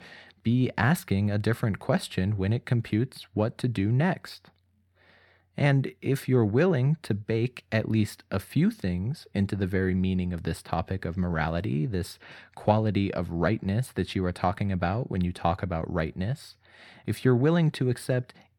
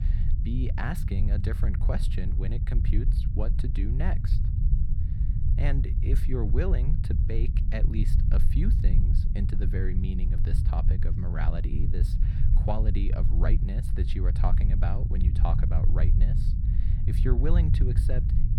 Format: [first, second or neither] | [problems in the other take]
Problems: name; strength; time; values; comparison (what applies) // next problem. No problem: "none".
first | low rumble; loud; throughout; 4 dB below the speech